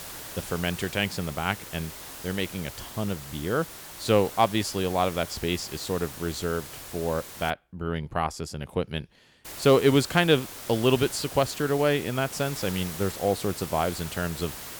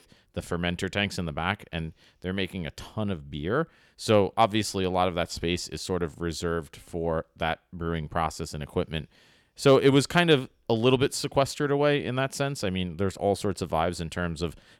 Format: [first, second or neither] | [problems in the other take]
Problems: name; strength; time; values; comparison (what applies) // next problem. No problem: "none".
second | hiss; noticeable; until 7.5 s and from 9.5 s on; 10 dB below the speech